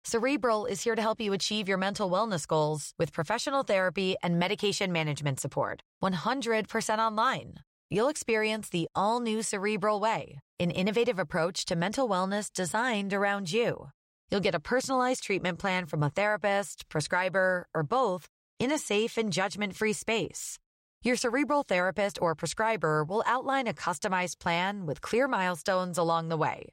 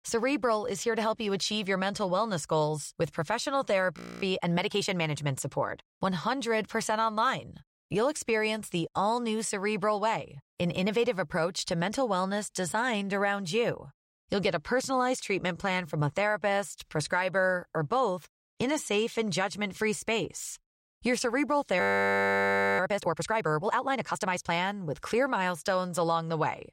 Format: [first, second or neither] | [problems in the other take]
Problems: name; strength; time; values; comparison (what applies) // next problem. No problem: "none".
first | audio freezing; at 4 s and at 22 s for 1 s